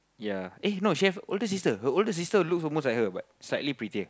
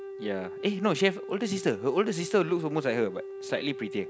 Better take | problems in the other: first | background sound (Wind instrument, woodwind instrument); 10 dB below the speech

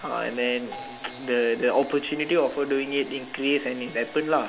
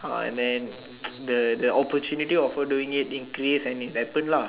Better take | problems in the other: second | background sound (Domestic sounds, home sounds + Bell); 19 dB below the speech

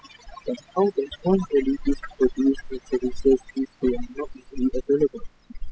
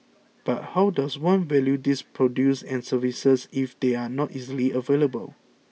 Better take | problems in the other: second | noise reduction (classical method spectral subtraction)

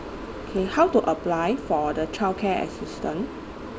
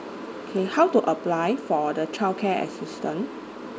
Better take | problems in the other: second | background sound (Subway, metro, underground); 17 dB below the speech

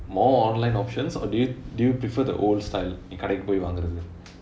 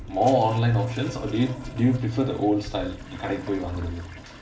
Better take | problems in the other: first | background sound (Toilet flush); 18 dB below the speech // room echo; dies away in 0.2 s

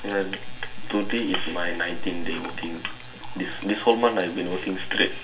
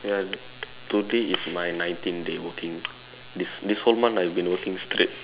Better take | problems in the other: second | background sound (Liquid); 20 dB below the speech // room echo; dies away in 0.2 s

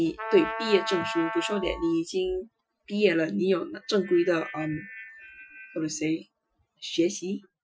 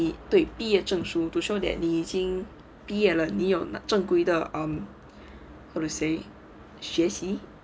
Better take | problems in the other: second | noise reduction (classical method Wiener filter)

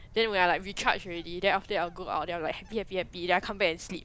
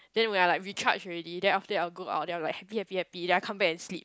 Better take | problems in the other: second | background sound (Bird); 17 dB below the speech

